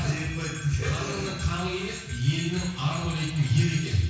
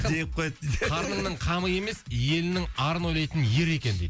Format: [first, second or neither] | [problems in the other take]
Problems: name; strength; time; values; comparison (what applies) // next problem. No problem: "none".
second | background sound (Bell); 17 dB below the speech // room echo; dies away in 1.1 s